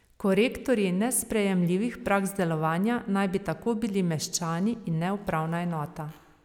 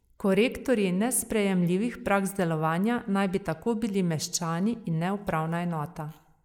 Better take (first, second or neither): first